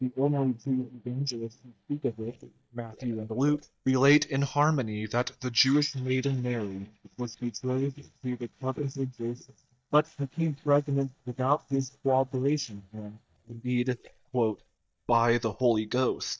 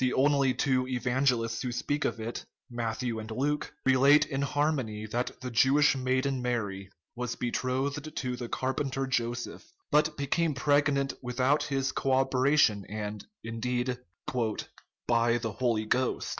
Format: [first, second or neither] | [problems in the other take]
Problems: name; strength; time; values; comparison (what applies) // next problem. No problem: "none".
second | noise reduction (neural mask model DeepFilterNet 3)